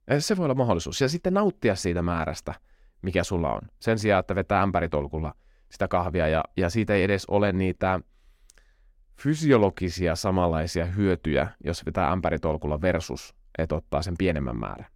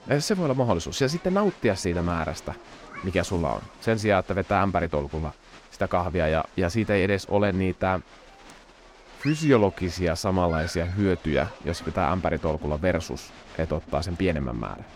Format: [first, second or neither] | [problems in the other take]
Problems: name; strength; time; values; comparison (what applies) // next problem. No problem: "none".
first | crowd noise; noticeable; throughout; 20 dB below the speech